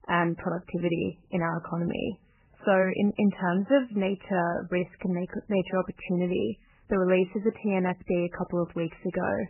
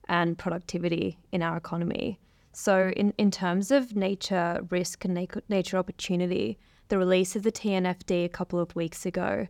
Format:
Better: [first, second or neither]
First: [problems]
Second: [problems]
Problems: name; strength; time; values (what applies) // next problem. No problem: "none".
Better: second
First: garbled, watery; badly; nothing above 3 kHz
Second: none